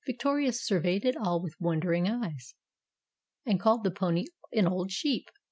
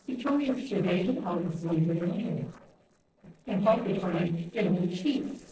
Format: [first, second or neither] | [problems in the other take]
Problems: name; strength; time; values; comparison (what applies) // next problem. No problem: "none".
first | noise reduction (neural separator model SepFormer DNS4)